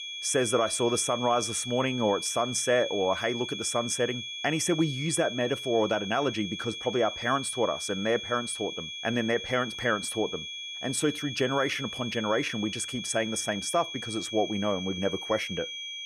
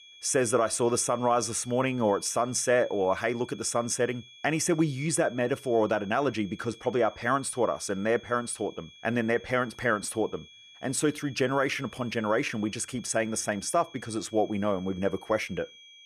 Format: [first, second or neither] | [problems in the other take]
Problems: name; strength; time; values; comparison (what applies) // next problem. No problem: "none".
second | high-pitched whine; loud; throughout; 3.5 kHz, 6 dB below the speech; faint in the second